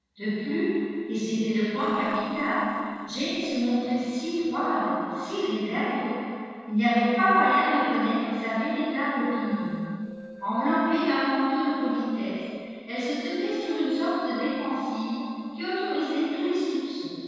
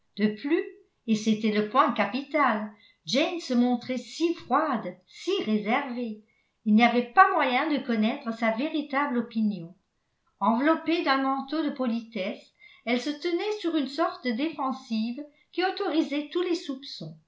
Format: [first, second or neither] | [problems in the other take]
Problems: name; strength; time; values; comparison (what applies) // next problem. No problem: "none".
second | noise reduction (neural separator model SepFormer DNS4)